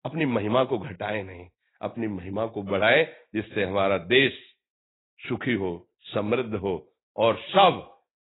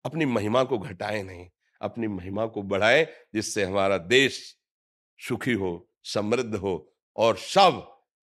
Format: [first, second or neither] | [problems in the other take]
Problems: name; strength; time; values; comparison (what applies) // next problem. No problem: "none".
second | garbled, watery; badly; nothing above 4 kHz